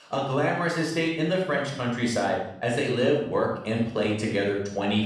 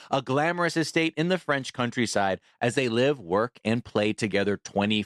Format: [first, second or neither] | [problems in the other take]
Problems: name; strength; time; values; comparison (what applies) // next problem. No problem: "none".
second | off-mic speech; somewhat distant // room echo; noticeable; dies away in 0.6 s